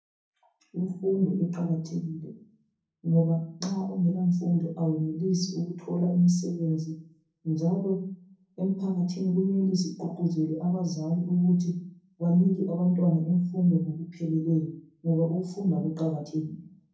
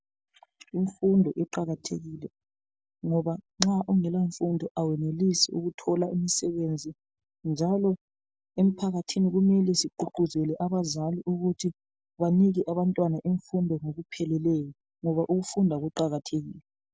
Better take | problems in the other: second | room echo; dies away in 0.6 s

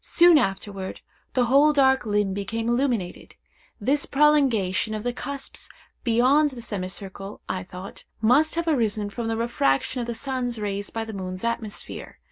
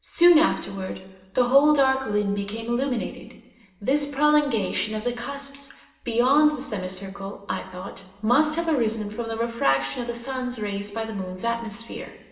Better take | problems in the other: first | room echo; dies away in 1.2 s

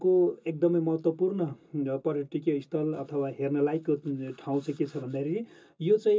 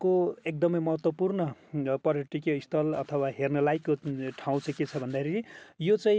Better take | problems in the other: second | room echo; dies away in 0.2 s

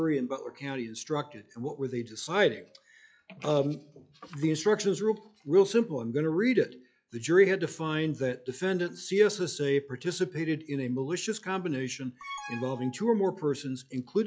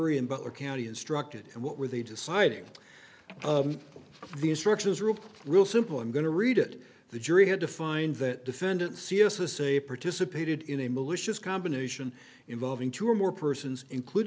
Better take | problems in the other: second | noise reduction (classical method log-MMSE)

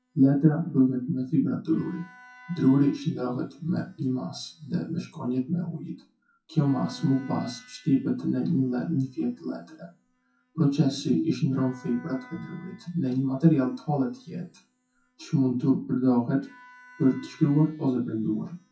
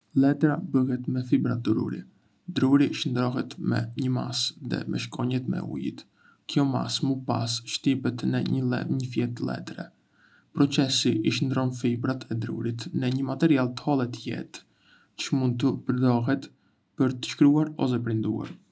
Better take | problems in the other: second | noise reduction (classical method WPE with log-MMSE)

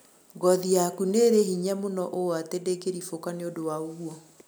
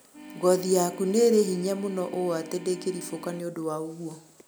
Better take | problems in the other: first | background sound (Organ); 16 dB below the speech

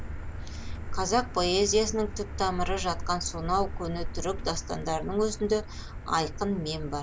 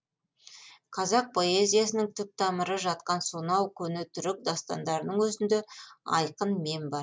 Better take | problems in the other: second | background sound (Motor vehicle (road)); 5 dB below the speech

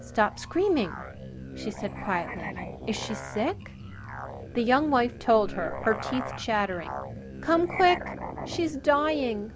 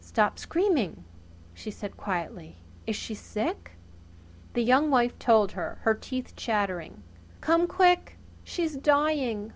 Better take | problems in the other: second | background sound (Musical instrument); 10 dB below the speech

